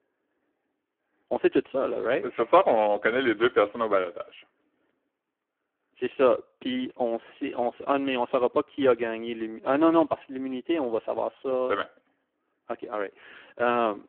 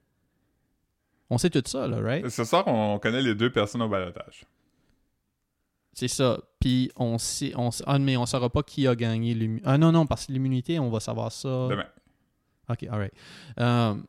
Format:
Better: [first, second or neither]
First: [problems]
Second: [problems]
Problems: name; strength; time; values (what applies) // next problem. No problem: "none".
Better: second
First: phone-call audio; poor line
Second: none